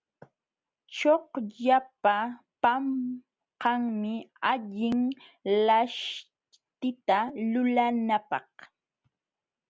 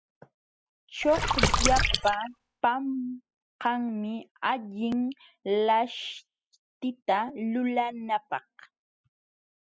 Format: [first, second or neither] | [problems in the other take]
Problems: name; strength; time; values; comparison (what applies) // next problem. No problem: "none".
first | noise reduction (classical method spectral subtraction)